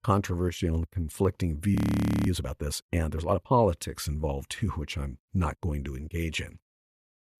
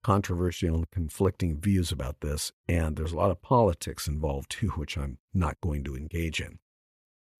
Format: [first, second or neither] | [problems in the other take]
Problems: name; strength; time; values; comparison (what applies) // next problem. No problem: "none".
second | audio freezing; at 2 s for 0.5 s